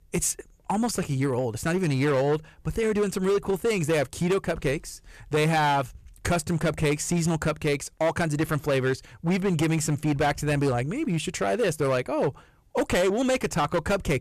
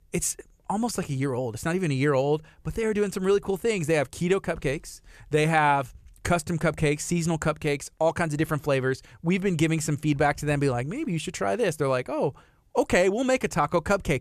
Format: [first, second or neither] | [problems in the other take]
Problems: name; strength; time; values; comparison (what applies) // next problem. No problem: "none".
second | distortion; slight; 11% of the sound clipped